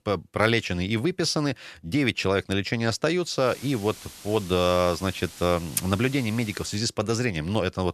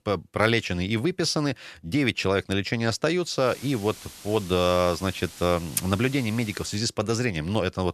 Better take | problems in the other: neither | hiss; noticeable; from 3.5 to 7 s; 15 dB below the speech; the same in both

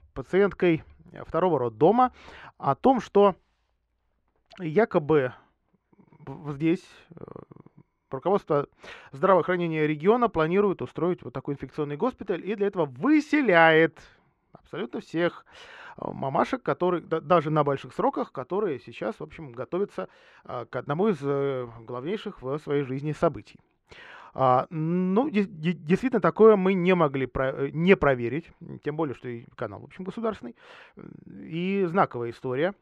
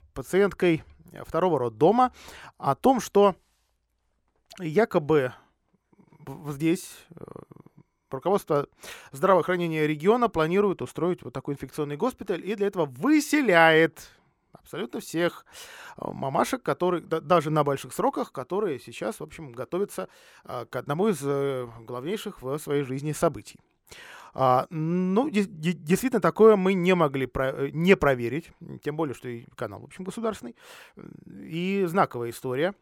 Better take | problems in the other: second | muffled; slightly; fading above 3 kHz

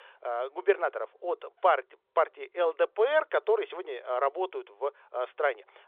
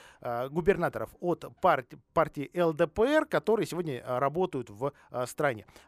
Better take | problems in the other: second | phone-call audio; nothing above 3.5 kHz

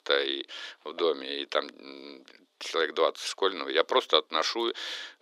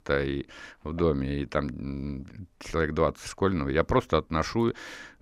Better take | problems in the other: second | thin; very; fading below 350 Hz

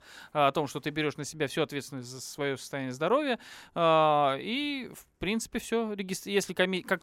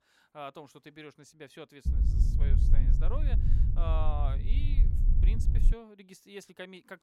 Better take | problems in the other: first | low rumble; loud; from 2 to 5.5 s; 3 dB below the speech

